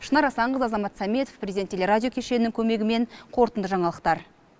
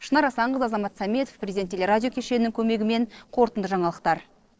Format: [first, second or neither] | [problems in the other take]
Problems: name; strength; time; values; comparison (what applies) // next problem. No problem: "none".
first | noise reduction (neural separator model SepFormer DNS4)